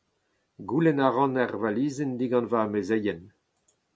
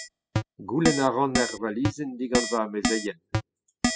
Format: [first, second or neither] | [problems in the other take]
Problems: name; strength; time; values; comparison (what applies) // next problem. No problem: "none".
first | noise reduction (classical method spectral subtraction)